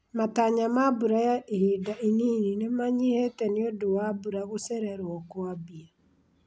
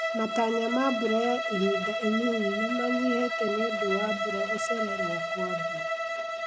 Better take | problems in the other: first | background sound (Bowed string instrument); 1 dB below the speech

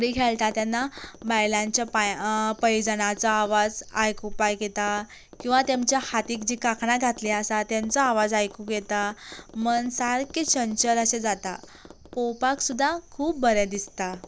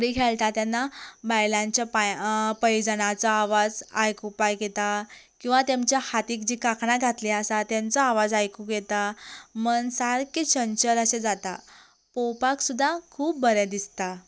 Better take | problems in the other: second | background sound (Tap); 19 dB below the speech

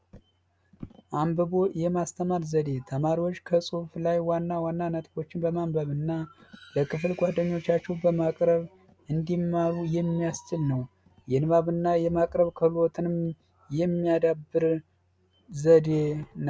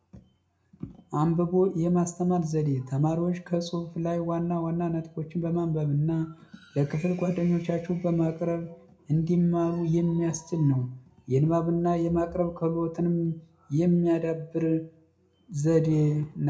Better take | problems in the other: first | room echo; dies away in 0.3 s

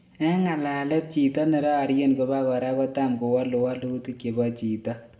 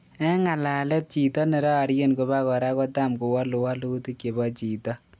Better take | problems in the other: second | room echo; dies away in 0.8 s

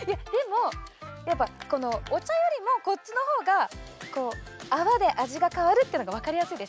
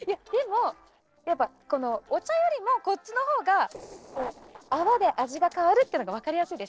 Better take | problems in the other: first | noise reduction (neural separator model SepFormer DNS4)

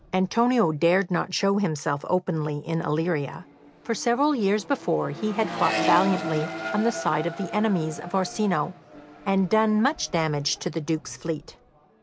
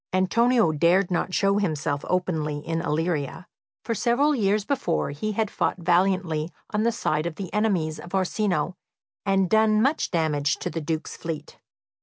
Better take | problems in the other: second | background sound (Accelerating, revving, vroom); 11 dB below the speech

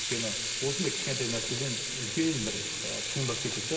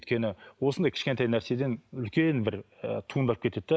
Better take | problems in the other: second | background sound (Sink (filling or washing) / Water tap, faucet); 1 dB above the speech // room echo; dies away in 2 s

